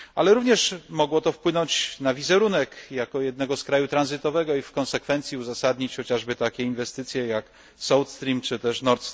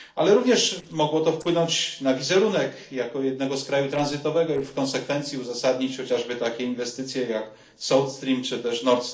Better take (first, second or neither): first